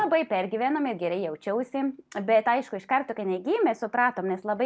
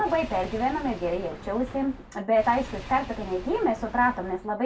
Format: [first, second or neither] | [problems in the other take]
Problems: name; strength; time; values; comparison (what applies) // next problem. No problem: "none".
first | background sound (Engine / Car); 14 dB below the speech // room echo; dies away in 0.2 s